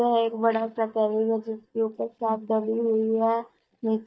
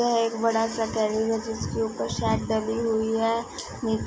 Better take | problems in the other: second | noise reduction (neural mask model DeepFilterNet 3)

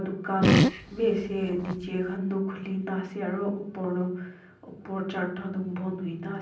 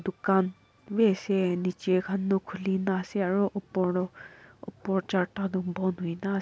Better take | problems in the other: second | background sound (Fart); 5 dB above the speech // room echo; dies away in 0.6 s

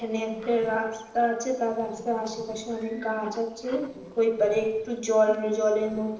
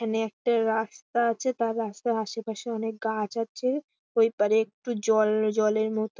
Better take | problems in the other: second | noise reduction (neural separator model SepFormer DNS4)

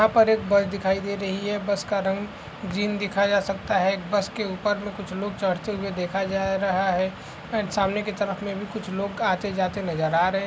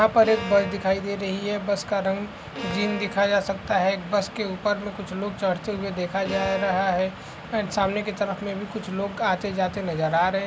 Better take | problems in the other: first | background sound (Bowed string instrument); 14 dB below the speech

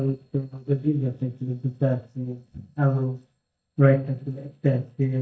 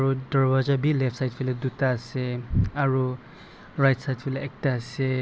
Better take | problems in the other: second | noise reduction (neural mask model DeepFilterNet 3)

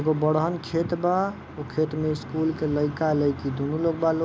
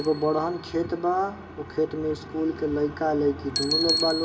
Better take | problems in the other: first | background sound (Bicycle); 6 dB below the speech // room echo; dies away in 1.9 s

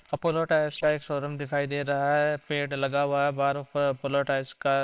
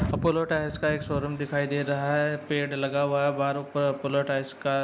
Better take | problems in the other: second | noise reduction (neural separator model SepFormer WHAMR!)

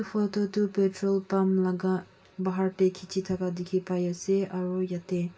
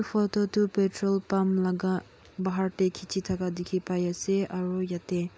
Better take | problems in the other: second | room echo; dies away in 0.2 s

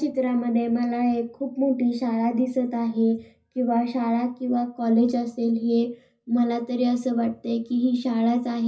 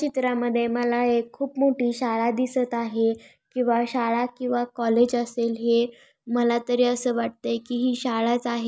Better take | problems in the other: second | room echo; dies away in 0.4 s

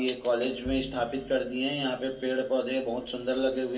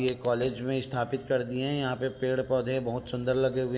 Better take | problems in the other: second | background sound (Bowed string instrument); 19 dB below the speech // room echo; dies away in 0.3 s

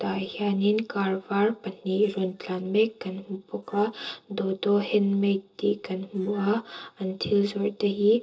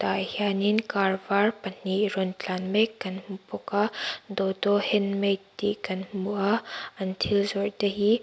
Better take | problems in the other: second | noise reduction (neural separator model SepFormer DNS4)

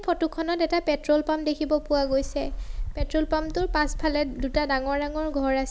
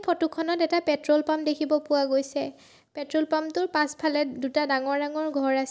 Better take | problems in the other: second | background sound (Bird); 8 dB below the speech

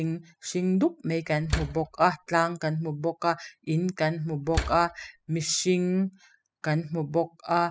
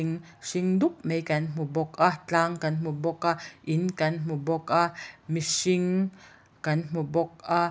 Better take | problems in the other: second | noise reduction (classical method spectral subtraction)

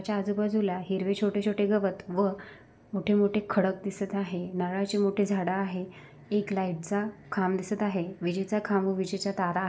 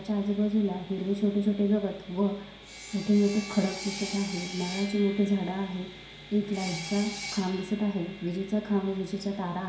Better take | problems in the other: first | background sound (Sawing); 14 dB below the speech // room echo; dies away in 0.7 s

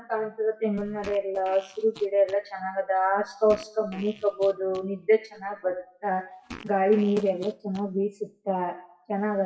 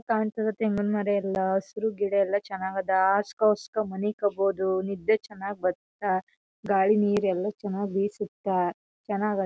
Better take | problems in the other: second | noise reduction (classical method WPE with log-MMSE)

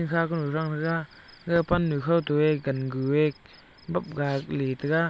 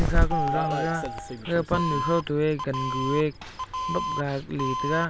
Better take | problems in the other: first | background sound (Doorbell); as loud as the speech

